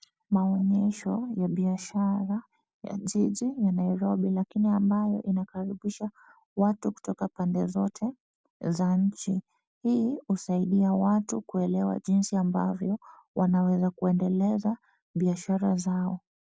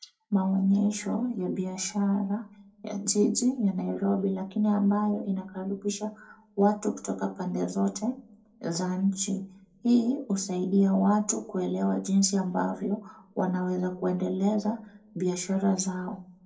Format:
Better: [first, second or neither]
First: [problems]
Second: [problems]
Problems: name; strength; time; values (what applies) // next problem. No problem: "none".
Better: first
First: none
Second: room echo; dies away in 0.2 s